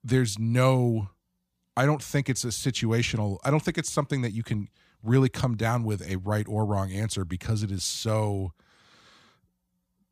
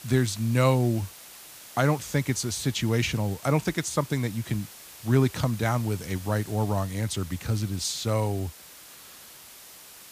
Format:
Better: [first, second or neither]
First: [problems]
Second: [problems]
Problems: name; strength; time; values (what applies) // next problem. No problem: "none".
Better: first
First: none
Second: hiss; noticeable; throughout; 15 dB below the speech